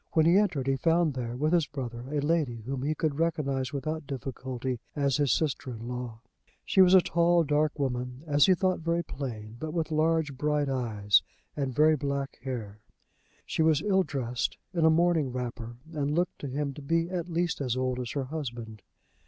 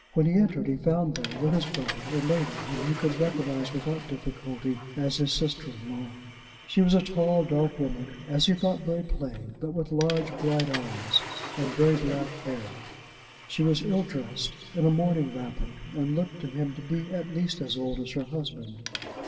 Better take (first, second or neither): first